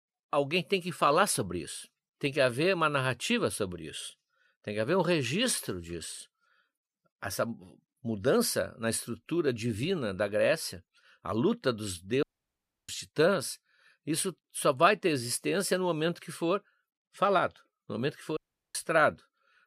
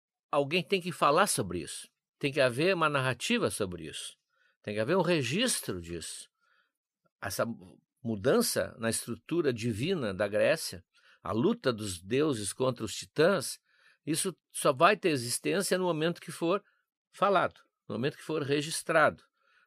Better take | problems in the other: second | audio cutting out; at 12 s for 0.5 s and at 18 s

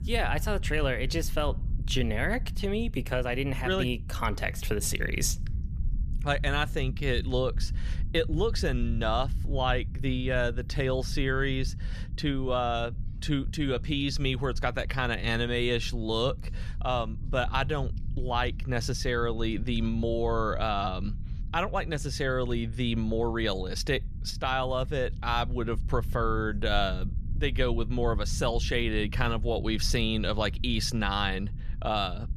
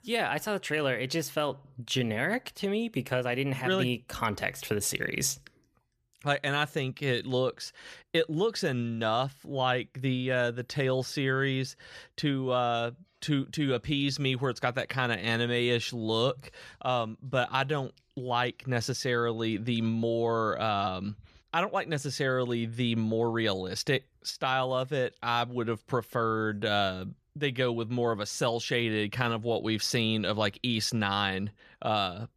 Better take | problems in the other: second | low rumble; faint; throughout; 20 dB below the speech

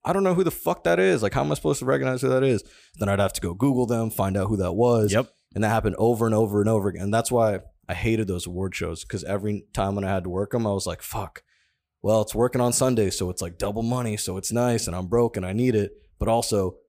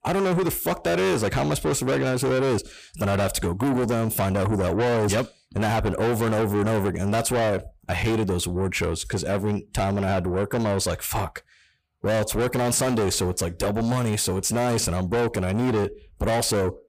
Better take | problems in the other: first | distortion; heavy; 6 dB below the speech

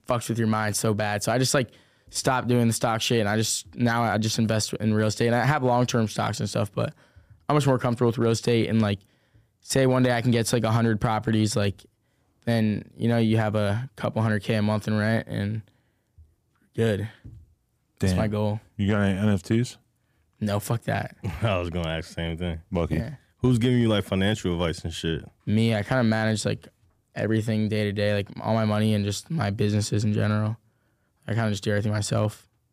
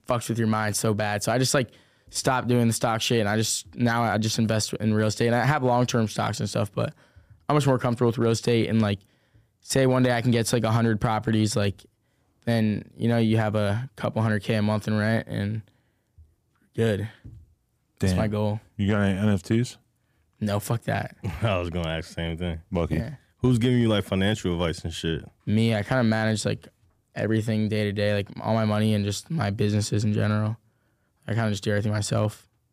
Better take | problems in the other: neither | none

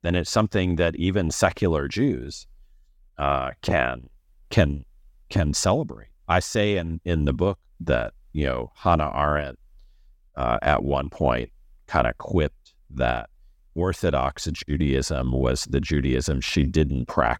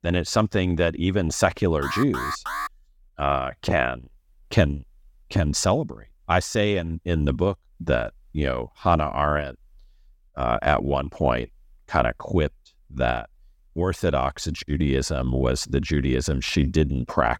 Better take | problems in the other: first | alarm; noticeable; at 2 s; peak 5 dB below the speech

